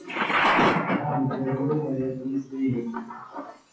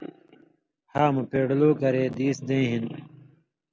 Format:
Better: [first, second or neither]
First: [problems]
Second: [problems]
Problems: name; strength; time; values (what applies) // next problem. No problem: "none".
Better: second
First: noise reduction (classical method WPE with log-MMSE)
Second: none